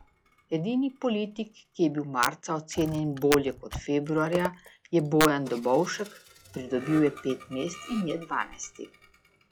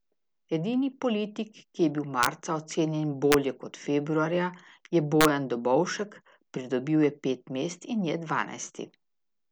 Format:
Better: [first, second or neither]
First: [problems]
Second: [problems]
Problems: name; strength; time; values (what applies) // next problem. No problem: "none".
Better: second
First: noise reduction (classical method log-MMSE)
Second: none